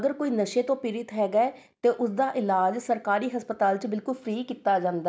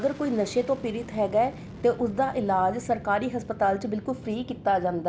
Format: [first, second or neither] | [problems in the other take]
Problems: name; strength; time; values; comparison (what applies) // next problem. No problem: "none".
first | background sound (Fixed-wing aircraft, airplane); 15 dB below the speech